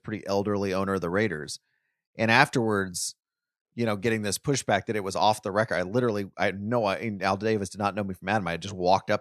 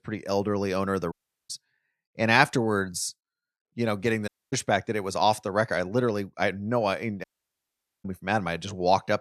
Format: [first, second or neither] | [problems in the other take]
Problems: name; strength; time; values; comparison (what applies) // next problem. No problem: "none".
first | audio cutting out; at 1 s, at 4.5 s and at 7 s for 1 s